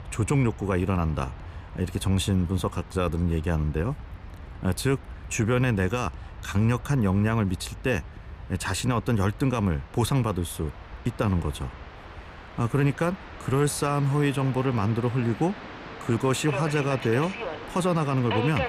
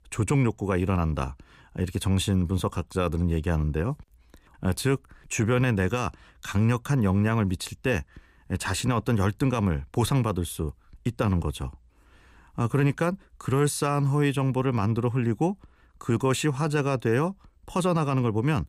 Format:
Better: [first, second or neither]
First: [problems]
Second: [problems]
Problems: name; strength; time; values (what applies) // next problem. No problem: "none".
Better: second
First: train or aircraft noise; noticeable; throughout; 15 dB below the speech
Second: none